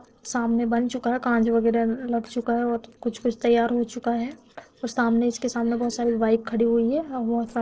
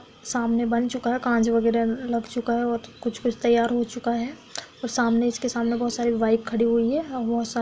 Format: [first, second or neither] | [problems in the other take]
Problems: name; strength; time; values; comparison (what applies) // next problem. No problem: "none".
second | noise reduction (neural separator model SepFormer DNS4)